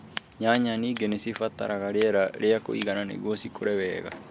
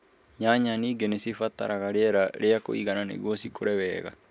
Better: second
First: background sound (Scissors); 16 dB below the speech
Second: none

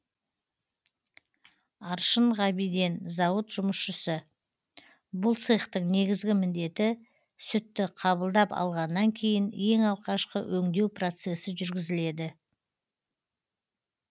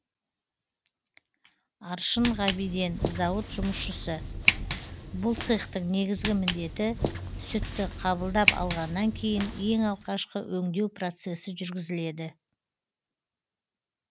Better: first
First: none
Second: background sound (Walk, footsteps); 2 dB below the speech

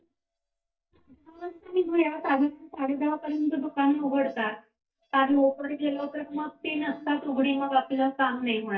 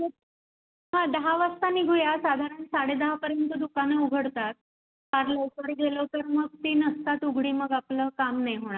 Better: second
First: noise reduction (neural mask model DeepFilterNet 3)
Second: none

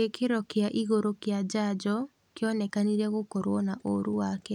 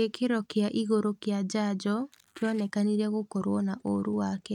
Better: first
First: none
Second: noise reduction (neural mask model RNNoise)

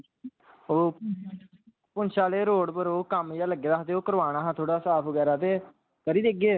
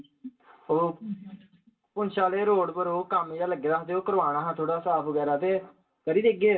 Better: first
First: none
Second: room echo; dies away in 0.2 s

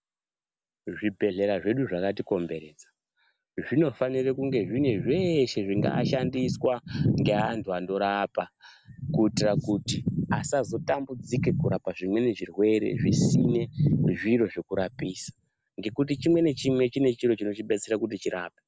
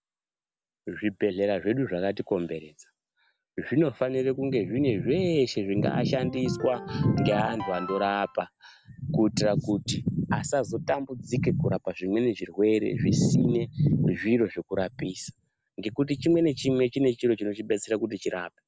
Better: first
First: none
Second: background sound (Ringtone); 11 dB below the speech

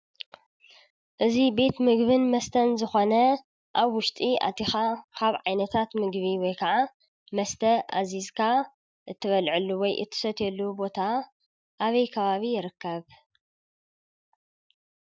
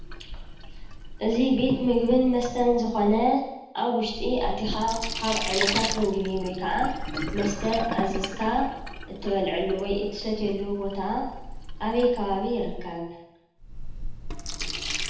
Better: first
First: none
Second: background sound (Sink (filling or washing)); 6 dB below the speech // room echo; dies away in 0.8 s

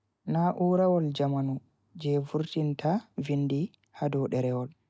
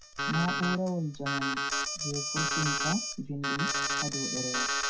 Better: first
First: none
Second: noise reduction (classical method WPE with log-MMSE)

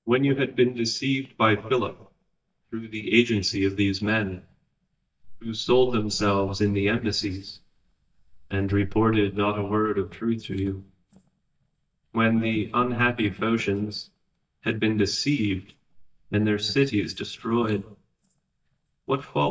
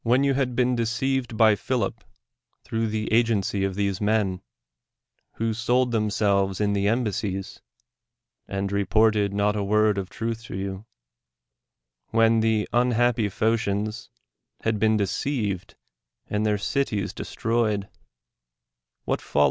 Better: second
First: noise reduction (neural mask model DeepFilterNet 3)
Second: none

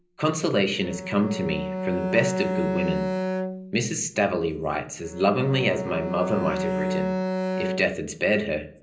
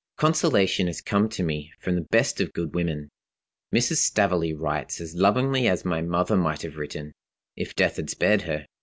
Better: second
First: background sound (Bowed string instrument); 3 dB below the speech // room echo; dies away in 0.5 s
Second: none

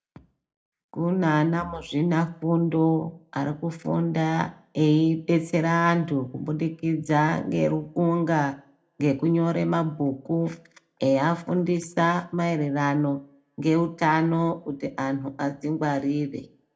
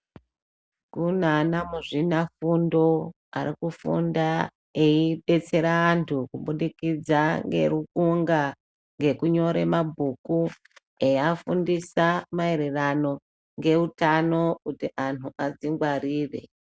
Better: second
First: room echo; dies away in 0.3 s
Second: none

